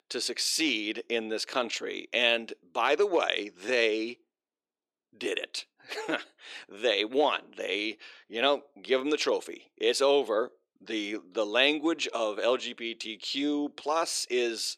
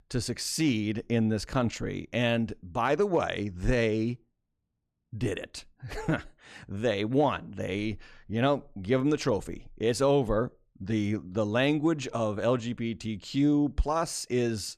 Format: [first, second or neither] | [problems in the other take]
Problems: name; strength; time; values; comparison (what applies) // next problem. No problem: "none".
second | thin; somewhat; fading below 350 Hz